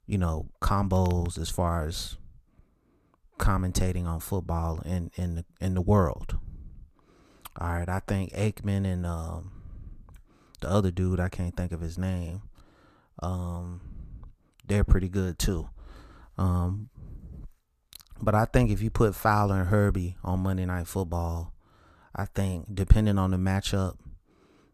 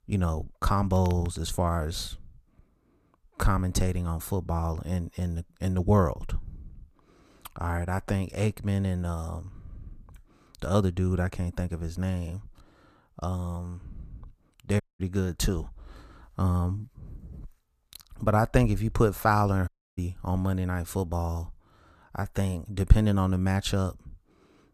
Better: first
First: none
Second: audio cutting out; at 15 s and at 20 s

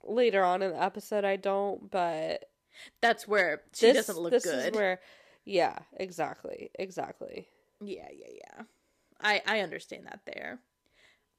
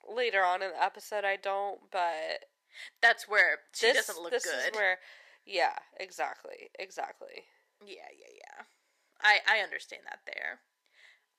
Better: first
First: none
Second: thin; very; fading below 600 Hz

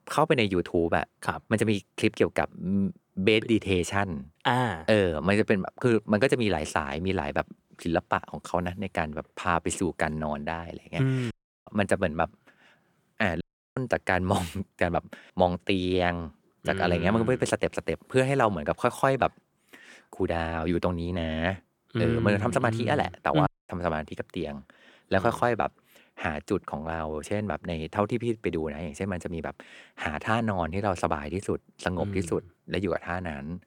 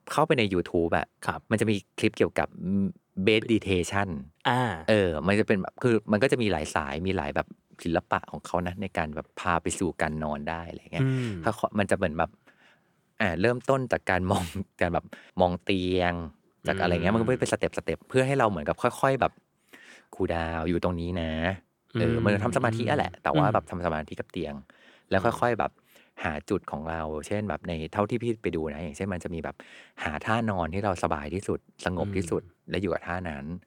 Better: second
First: audio cutting out; at 11 s, at 13 s and at 23 s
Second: none

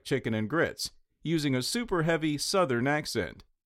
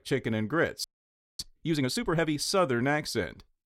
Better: first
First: none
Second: audio freezing; at 1 s for 0.5 s

